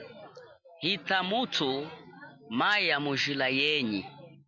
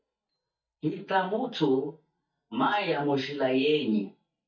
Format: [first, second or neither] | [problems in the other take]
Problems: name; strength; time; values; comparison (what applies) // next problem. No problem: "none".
first | noise reduction (neural mask model DeepFilterNet 3)